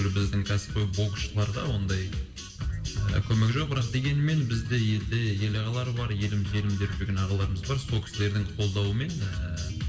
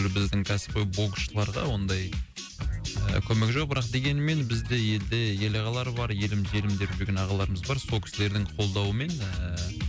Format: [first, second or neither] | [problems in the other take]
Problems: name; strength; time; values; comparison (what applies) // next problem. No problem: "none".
second | room echo; dies away in 1.4 s